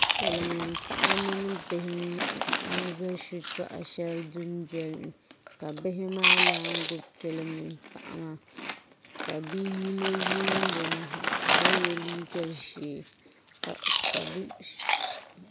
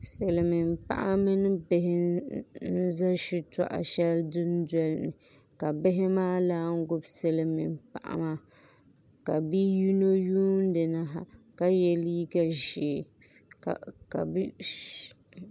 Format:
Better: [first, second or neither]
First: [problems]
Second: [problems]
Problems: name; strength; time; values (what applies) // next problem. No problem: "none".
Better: second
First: background sound (Chewing, mastication); 3 dB above the speech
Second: none